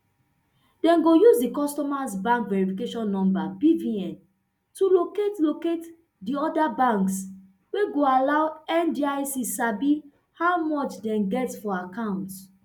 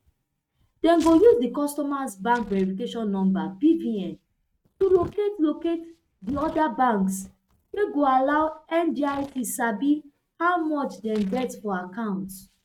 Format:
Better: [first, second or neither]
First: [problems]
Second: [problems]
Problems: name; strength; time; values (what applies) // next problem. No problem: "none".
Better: first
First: none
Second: noise reduction (neural mask model RNNoise)